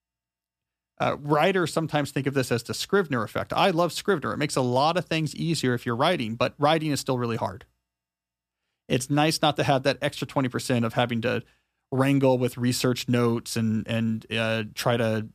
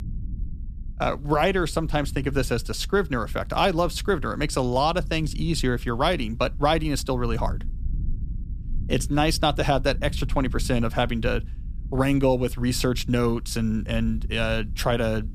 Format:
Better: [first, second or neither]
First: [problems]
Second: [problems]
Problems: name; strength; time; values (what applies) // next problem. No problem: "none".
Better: first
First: none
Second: low rumble; faint; throughout; 25 dB below the speech